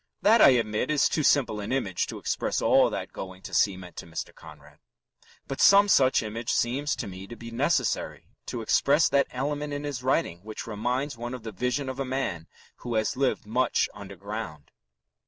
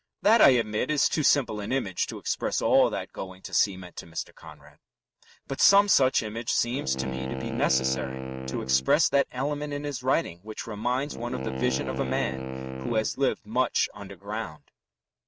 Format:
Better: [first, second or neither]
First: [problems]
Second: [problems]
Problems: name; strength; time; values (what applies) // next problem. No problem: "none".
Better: first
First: none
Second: noise reduction (neural mask model RNNoise)